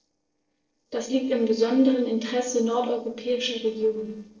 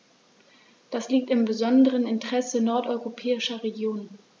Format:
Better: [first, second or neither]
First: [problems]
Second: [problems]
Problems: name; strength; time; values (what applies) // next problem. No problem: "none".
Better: second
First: noise reduction (neural separator model SepFormer DNS4)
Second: none